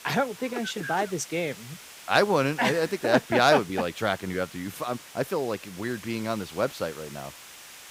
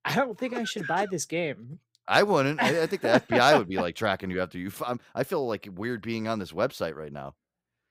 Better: second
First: hiss; noticeable; throughout; 15 dB below the speech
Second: none

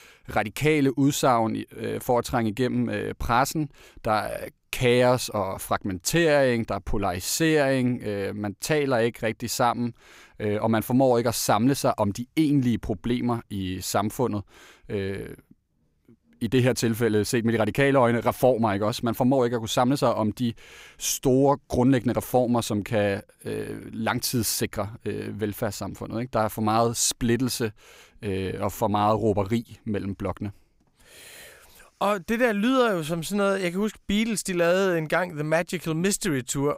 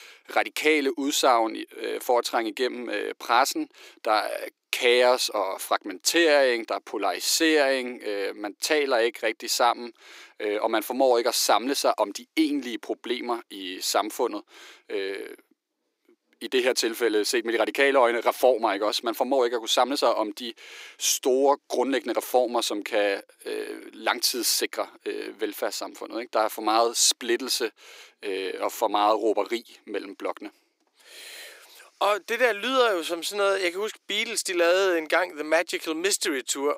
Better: first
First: none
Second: thin; somewhat; fading below 300 Hz

